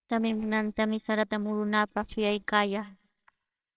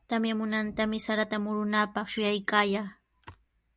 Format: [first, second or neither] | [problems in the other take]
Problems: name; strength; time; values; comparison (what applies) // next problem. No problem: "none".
second | noise reduction (neural separator model SepFormer WHAMR!)